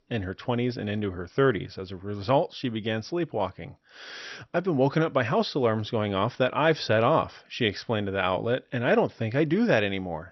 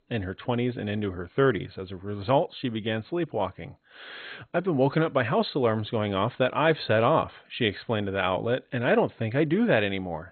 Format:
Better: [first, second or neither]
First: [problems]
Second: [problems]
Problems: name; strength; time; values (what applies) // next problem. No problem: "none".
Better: first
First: garbled, watery; slightly; nothing above 6 kHz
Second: garbled, watery; badly; nothing above 4 kHz